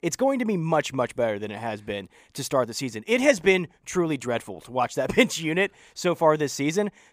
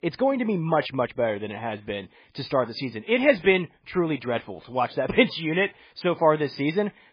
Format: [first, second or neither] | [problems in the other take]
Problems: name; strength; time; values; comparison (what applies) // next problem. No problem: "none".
first | garbled, watery; badly